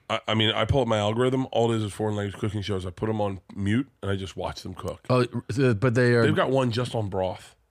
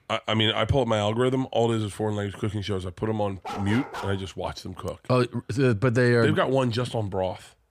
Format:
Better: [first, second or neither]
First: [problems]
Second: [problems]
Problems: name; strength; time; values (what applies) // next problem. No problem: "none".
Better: first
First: none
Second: dog barking; noticeable; at 3.5 s; peak 9 dB below the speech